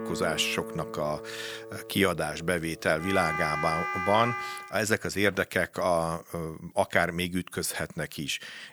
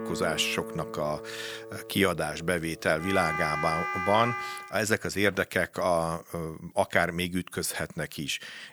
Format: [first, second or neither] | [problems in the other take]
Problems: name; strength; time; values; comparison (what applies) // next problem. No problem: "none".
neither | background music; loud; until 4.5 s; 5 dB below the speech; the same in both